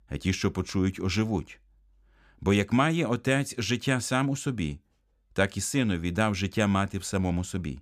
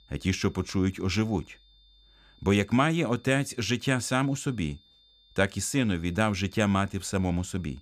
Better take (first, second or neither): first